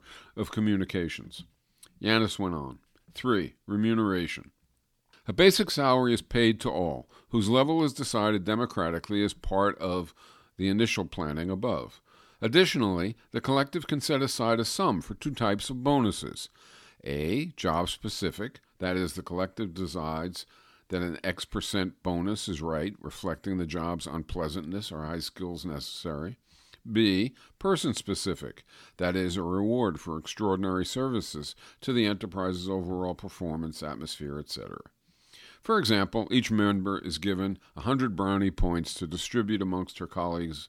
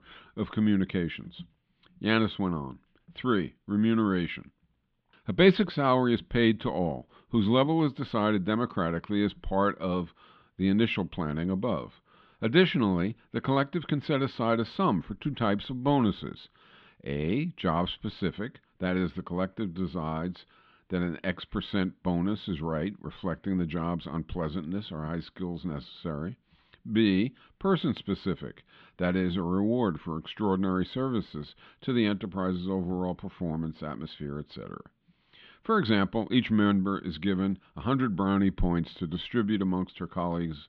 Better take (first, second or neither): first